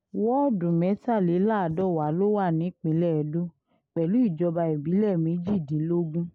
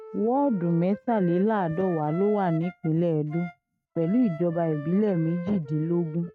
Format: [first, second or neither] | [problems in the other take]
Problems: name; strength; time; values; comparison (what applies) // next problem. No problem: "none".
first | noise reduction (neural mask model RNNoise)